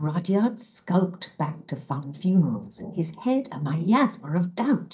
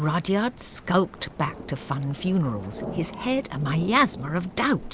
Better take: second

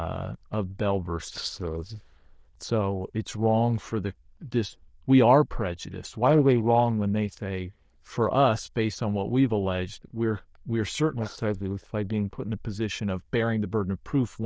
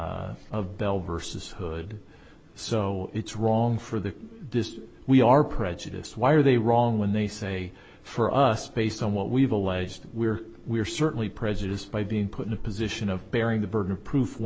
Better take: second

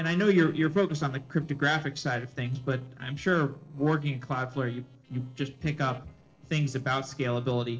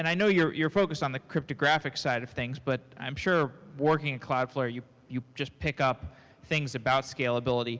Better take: second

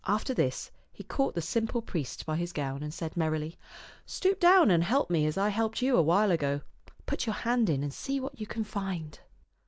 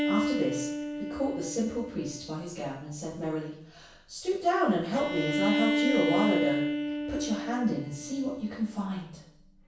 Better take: first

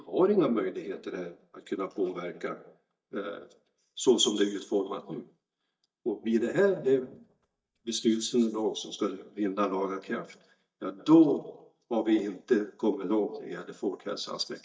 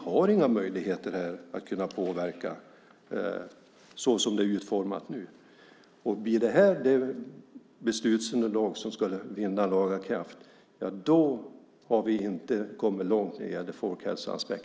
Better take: second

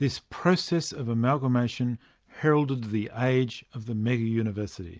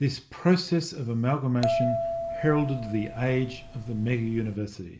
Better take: first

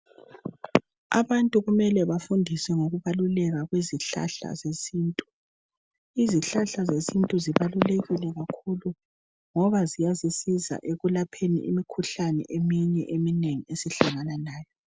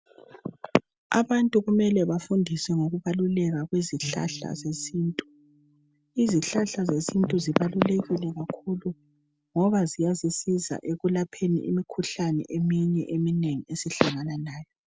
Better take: first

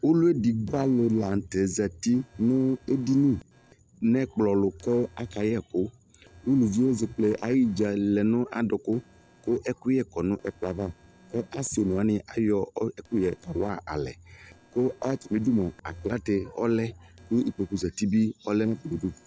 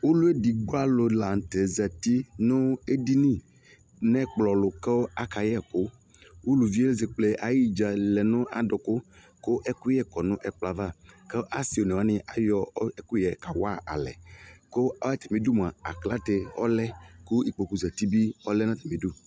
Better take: second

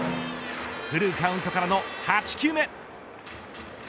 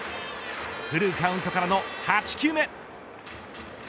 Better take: second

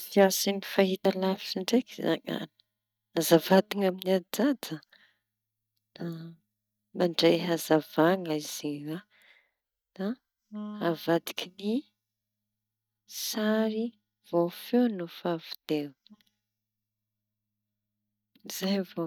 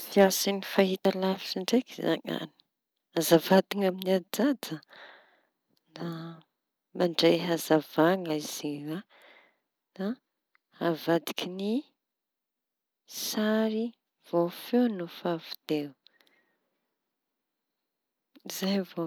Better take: second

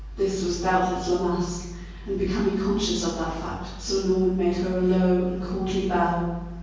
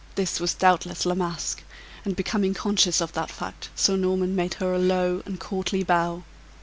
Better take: second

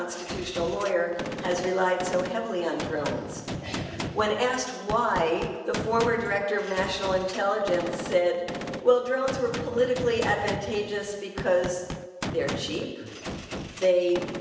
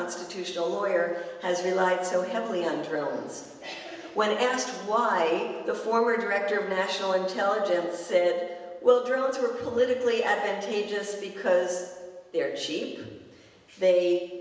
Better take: second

